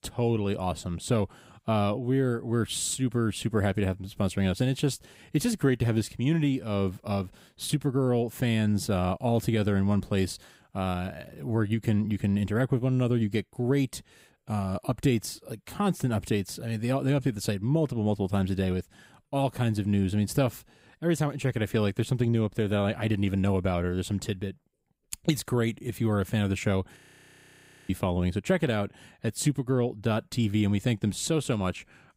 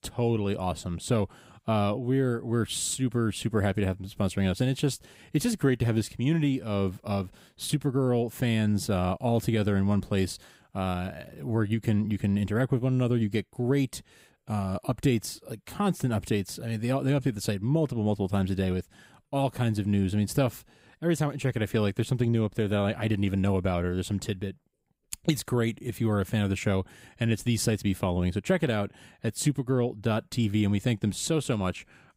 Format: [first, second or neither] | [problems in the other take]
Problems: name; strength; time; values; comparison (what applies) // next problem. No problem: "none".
second | audio freezing; at 27 s for 1 s